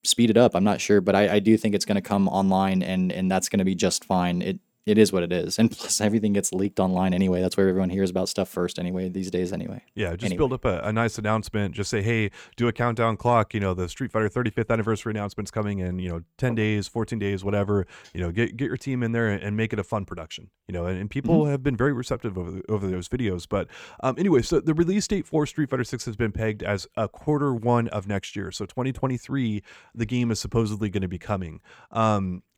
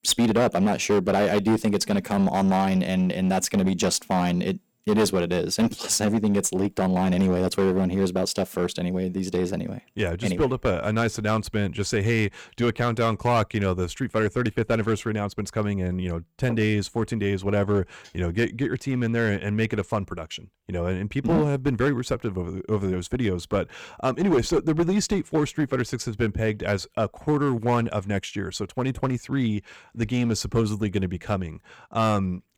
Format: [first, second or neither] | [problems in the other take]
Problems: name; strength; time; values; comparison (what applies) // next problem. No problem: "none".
first | distortion; slight; 7% of the sound clipped